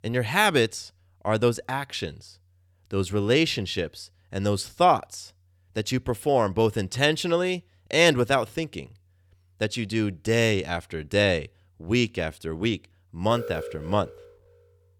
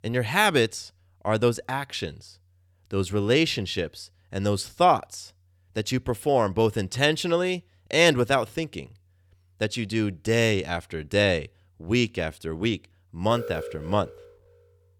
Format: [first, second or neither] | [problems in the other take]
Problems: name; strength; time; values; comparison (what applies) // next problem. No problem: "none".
neither | alarm; noticeable; from 13 to 14 s; peak 10 dB below the speech; the same in both